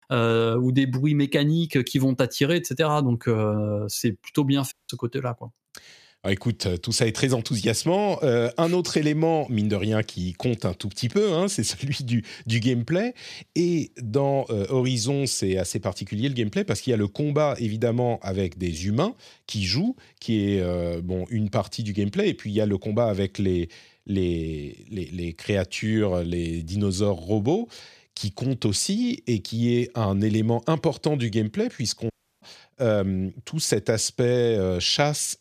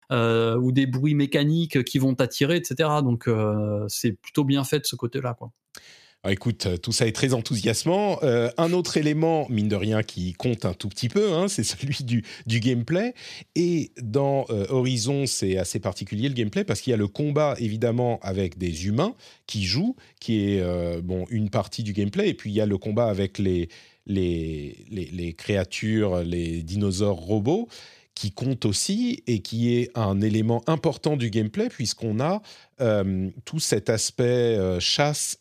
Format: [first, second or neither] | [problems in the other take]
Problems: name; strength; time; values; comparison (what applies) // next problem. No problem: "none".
second | audio cutting out; at 4.5 s and at 32 s